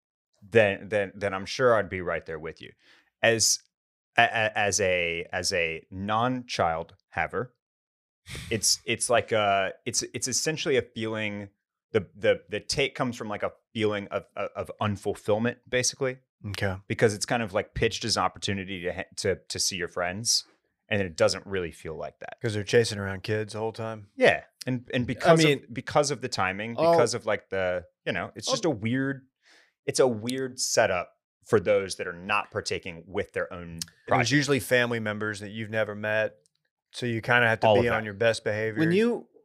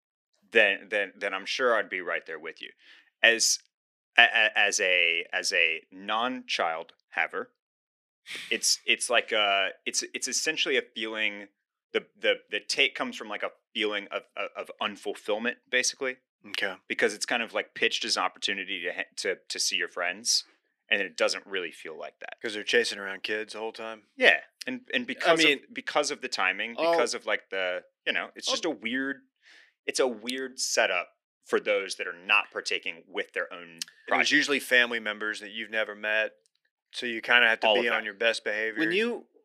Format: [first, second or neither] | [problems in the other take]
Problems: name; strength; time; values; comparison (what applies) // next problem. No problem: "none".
first | thin; very slightly; fading below 250 Hz